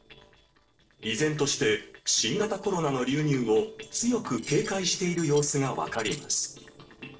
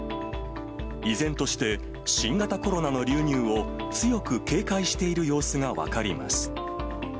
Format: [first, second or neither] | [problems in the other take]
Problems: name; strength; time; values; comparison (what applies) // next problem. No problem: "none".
second | noise reduction (neural separator model SepFormer DNS4)